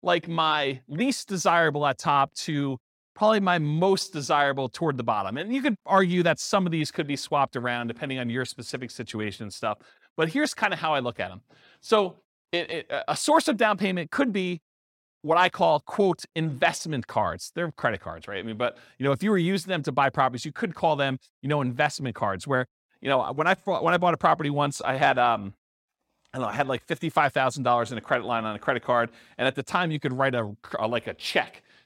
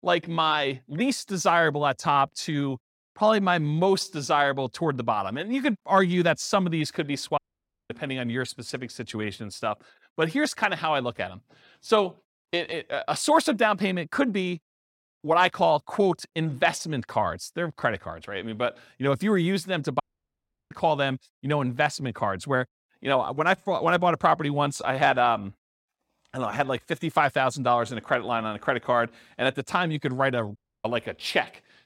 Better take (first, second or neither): first